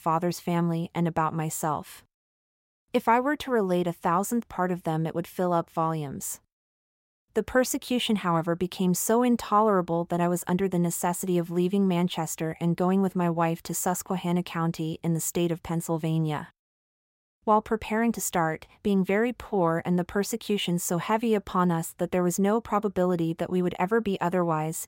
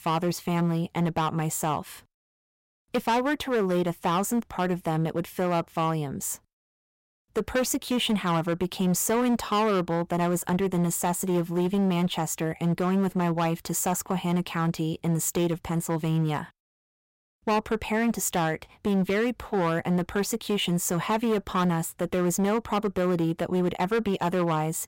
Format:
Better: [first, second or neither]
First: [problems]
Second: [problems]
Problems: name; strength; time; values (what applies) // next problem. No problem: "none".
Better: first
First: none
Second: distortion; slight; 12% of the sound clipped